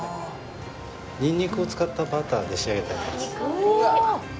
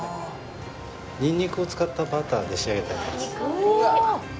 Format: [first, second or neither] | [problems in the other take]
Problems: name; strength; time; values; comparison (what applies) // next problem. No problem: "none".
second | background sound (Bowed string instrument); 17 dB below the speech